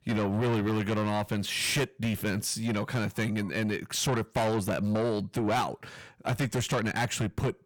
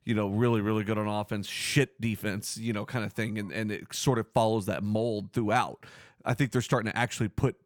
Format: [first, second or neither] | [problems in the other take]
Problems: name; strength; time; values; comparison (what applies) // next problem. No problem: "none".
second | distortion; heavy; 7 dB below the speech